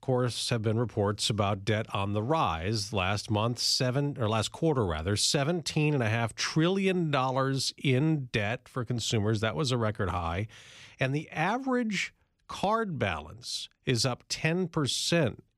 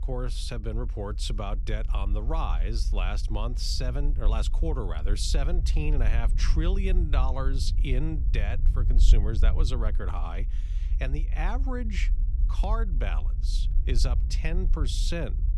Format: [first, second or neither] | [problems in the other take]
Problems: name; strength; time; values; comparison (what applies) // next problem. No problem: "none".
first | low rumble; noticeable; throughout; 15 dB below the speech